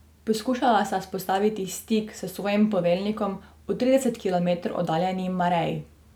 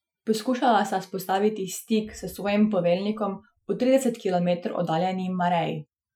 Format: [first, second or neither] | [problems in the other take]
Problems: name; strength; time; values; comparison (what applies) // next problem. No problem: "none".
first | noise reduction (classical method Wiener filter)